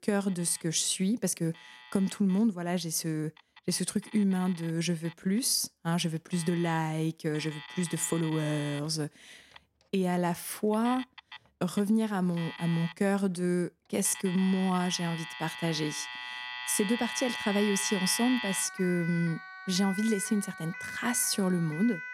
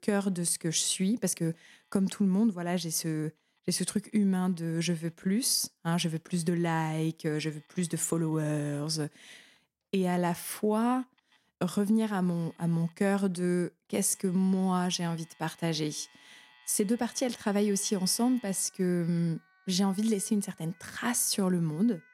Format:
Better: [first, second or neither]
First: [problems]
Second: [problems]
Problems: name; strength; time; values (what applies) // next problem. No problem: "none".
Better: second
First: alarms or sirens; loud; throughout; 9 dB below the speech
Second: alarms or sirens; faint; throughout; 30 dB below the speech